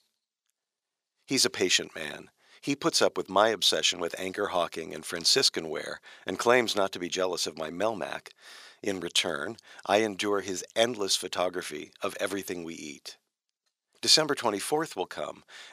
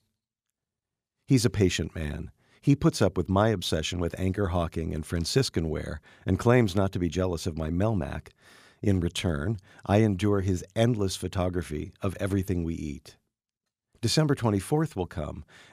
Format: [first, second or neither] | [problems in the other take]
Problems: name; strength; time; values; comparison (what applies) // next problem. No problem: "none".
second | thin; very; fading below 500 Hz